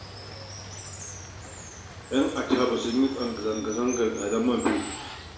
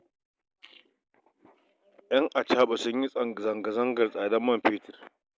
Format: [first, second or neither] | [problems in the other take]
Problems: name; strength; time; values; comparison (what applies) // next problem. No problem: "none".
second | background sound (Water); 12 dB below the speech // room echo; dies away in 0.6 s